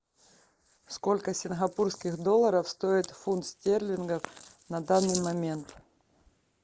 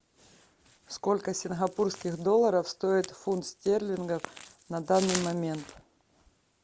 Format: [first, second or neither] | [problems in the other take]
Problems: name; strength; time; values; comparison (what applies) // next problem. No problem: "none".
second | noise reduction (neural mask model Resemble Enhance denoiser)